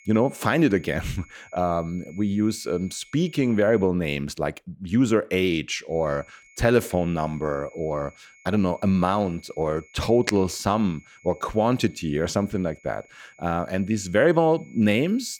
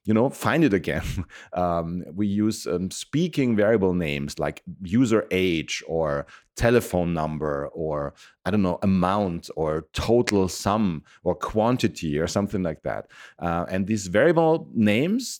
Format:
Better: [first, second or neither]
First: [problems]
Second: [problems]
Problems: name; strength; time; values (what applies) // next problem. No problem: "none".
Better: second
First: high-pitched whine; faint; until 4 s and from 6 s on; 2 kHz, 25 dB below the speech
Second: none